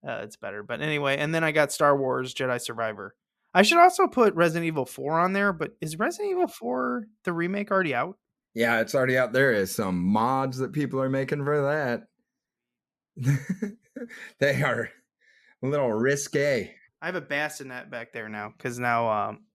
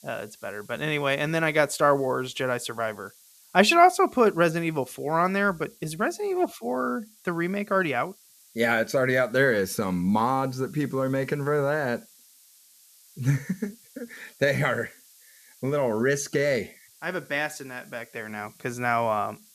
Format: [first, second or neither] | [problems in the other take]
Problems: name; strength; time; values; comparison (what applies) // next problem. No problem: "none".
first | hiss; faint; throughout; 25 dB below the speech